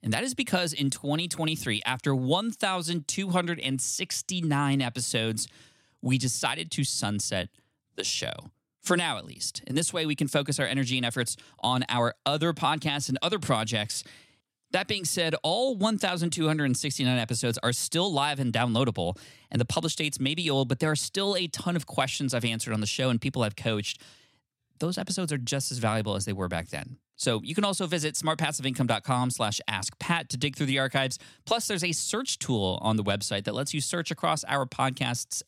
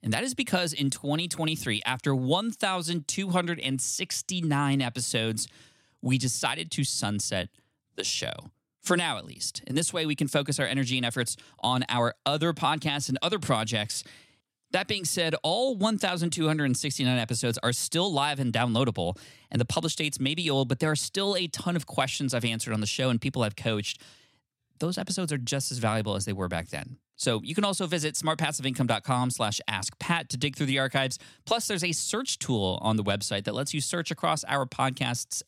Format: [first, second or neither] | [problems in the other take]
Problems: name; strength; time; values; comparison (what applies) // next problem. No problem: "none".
neither | none